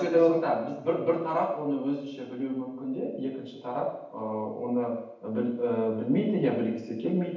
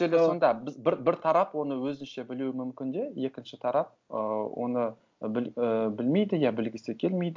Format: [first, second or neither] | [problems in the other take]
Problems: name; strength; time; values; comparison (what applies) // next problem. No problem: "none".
second | room echo; dies away in 0.9 s